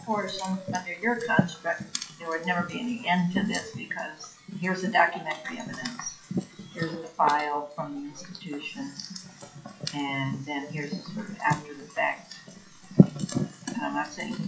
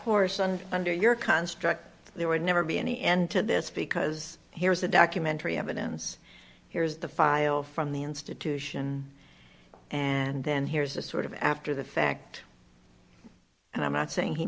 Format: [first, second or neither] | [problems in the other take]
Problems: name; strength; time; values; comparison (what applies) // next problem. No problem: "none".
second | noise reduction (classical method WPE with log-MMSE)